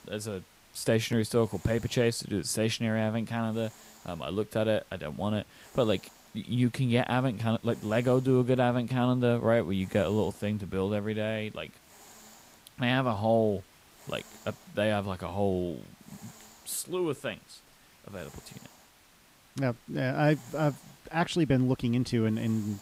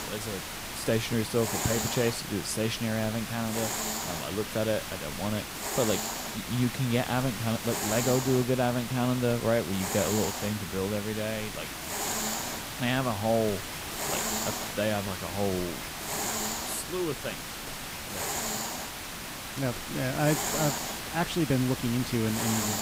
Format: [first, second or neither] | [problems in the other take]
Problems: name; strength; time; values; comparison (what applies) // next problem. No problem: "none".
first | hiss; loud; throughout; 3 dB below the speech; faint in the first